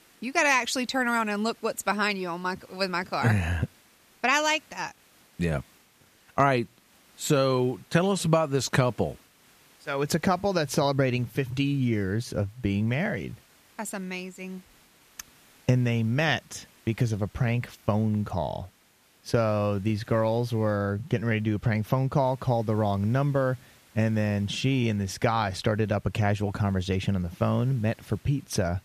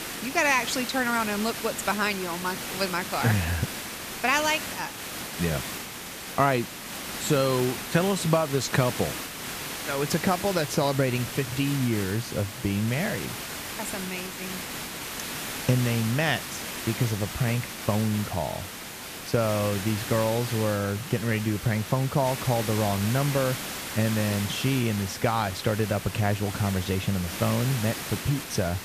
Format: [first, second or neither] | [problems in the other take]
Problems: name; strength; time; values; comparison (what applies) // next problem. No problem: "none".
first | hiss; loud; throughout; 7 dB below the speech; faint in the first